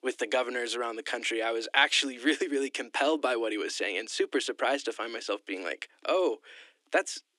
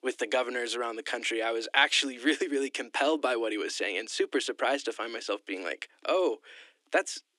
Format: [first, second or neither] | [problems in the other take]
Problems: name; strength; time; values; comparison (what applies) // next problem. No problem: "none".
neither | thin; somewhat; fading below 300 Hz; the same in both